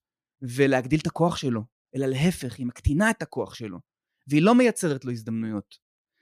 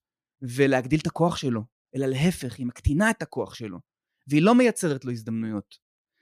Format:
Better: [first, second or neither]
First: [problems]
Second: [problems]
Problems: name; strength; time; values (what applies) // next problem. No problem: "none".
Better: neither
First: none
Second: none